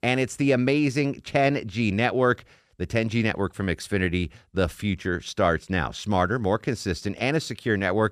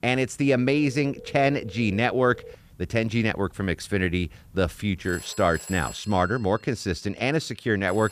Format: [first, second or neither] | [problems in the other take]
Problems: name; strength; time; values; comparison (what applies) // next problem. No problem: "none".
first | alarms or sirens; noticeable; throughout; 20 dB below the speech